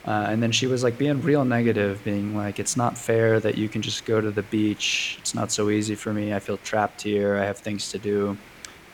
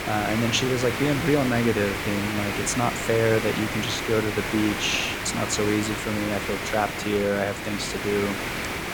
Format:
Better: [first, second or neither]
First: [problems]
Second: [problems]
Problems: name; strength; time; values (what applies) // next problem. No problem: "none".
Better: first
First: hiss; faint; throughout; 20 dB below the speech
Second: hiss; loud; throughout; 3 dB below the speech